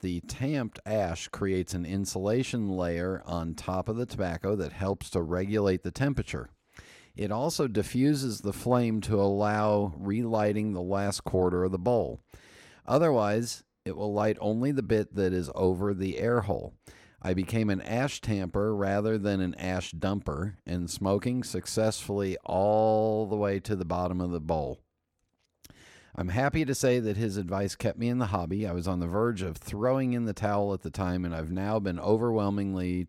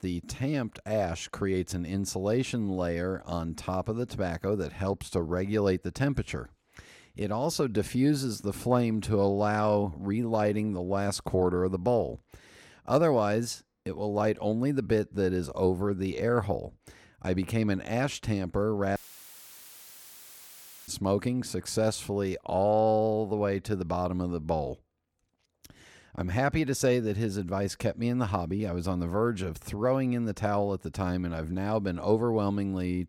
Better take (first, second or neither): first